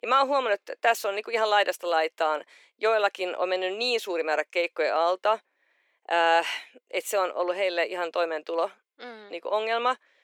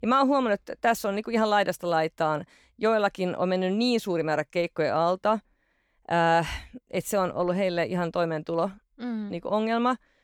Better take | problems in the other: second | thin; very; fading below 350 Hz

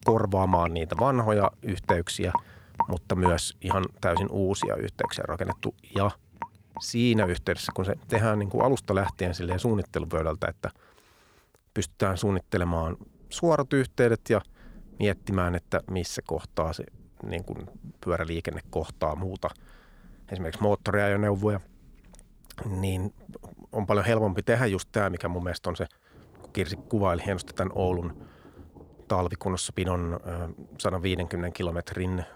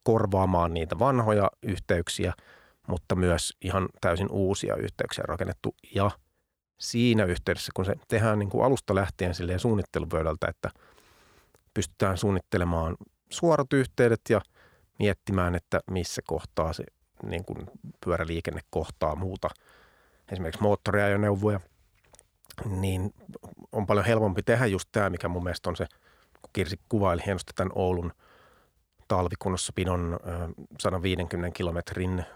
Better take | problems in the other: second | rain or running water; loud; throughout; 8 dB below the speech

